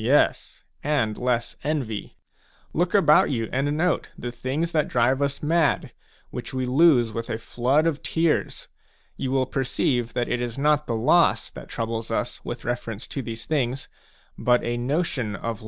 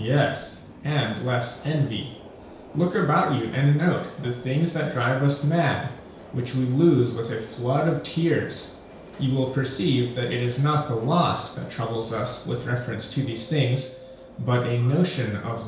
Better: first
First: none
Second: background sound (Subway, metro, underground); 19 dB below the speech // room echo; dies away in 0.5 s

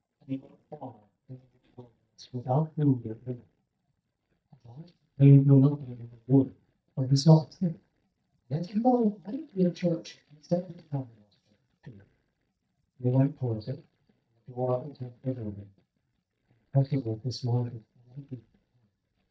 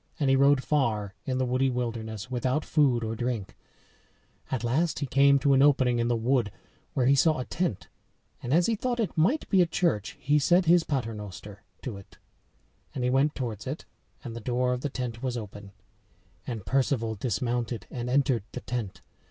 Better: second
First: noise reduction (neural mask model DeepFilterNet 3)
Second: none

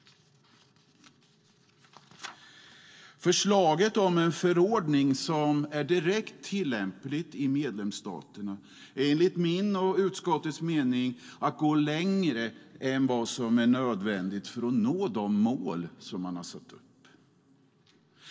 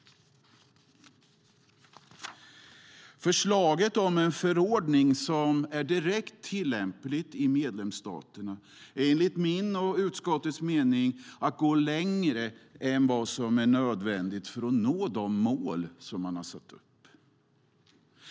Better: second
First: room echo; dies away in 1.9 s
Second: none

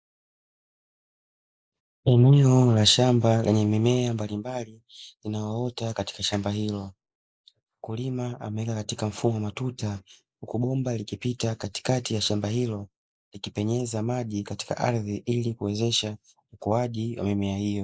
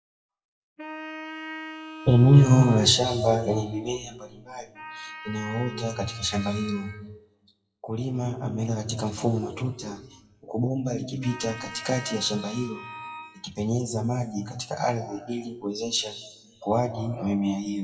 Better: first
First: none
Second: noise reduction (classical method WPE with log-MMSE)

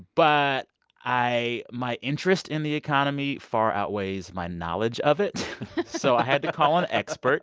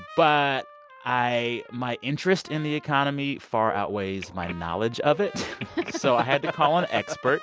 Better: first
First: none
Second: background sound (Trumpet + Telephone); 18 dB below the speech

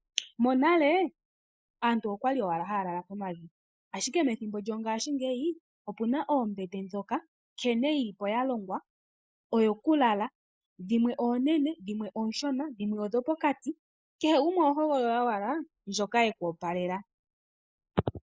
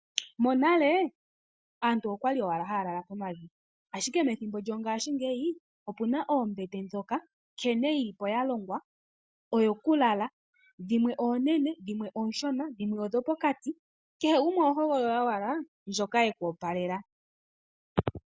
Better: second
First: noise reduction (neural mask model Resemble Enhance denoiser)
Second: none

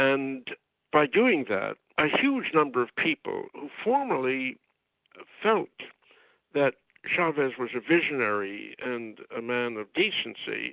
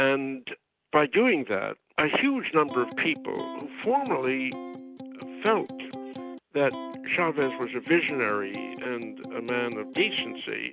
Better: first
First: none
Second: background sound (Electric guitar); 11 dB below the speech

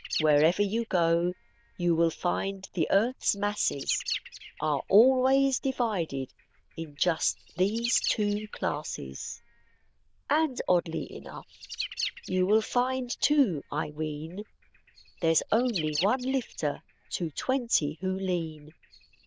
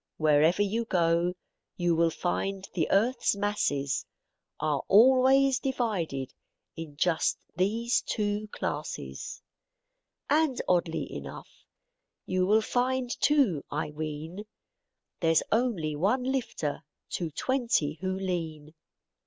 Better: second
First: noise reduction (neural diffusion model UNIVERSE++)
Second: none

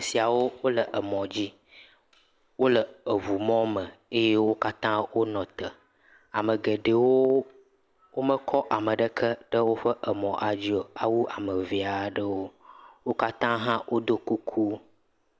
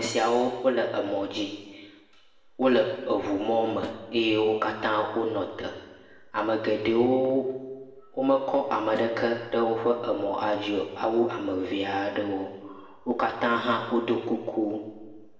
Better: first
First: none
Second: background sound (Snare drum); 20 dB below the speech // room echo; dies away in 1.1 s

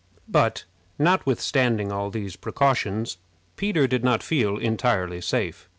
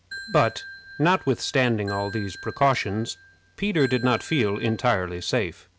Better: first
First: none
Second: background sound (Ringtone / Bell); 16 dB below the speech

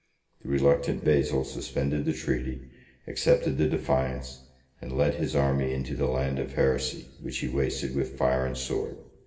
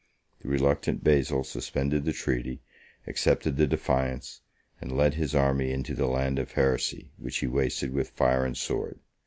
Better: second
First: room echo; dies away in 0.7 s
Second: none

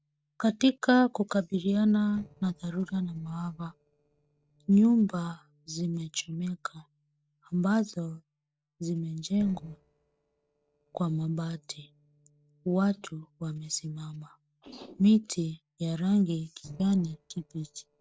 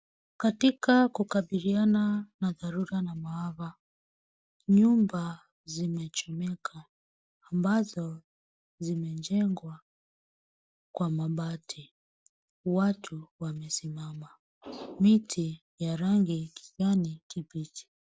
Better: second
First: noise reduction (neural separator model SepFormer DNS4)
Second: none

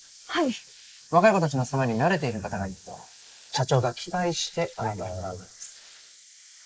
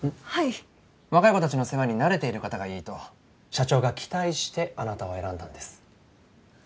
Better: second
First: noise reduction (neural mask model Resemble Enhance denoiser)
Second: none

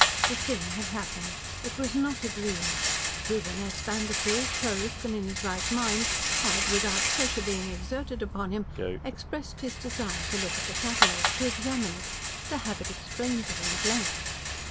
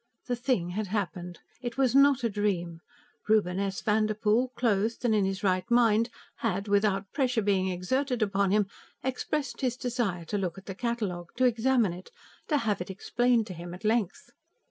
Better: second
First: background sound (Rattle); 3 dB above the speech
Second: none

